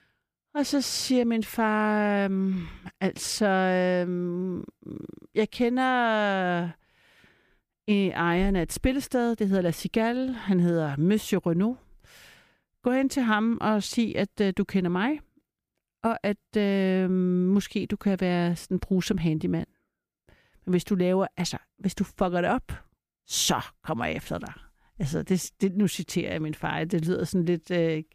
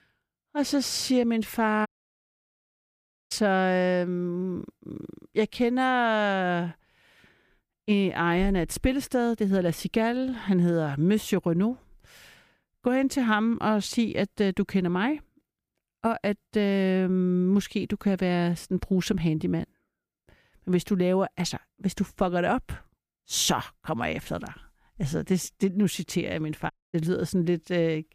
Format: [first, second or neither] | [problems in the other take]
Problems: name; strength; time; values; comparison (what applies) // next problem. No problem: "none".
first | audio cutting out; at 2 s for 1.5 s and at 27 s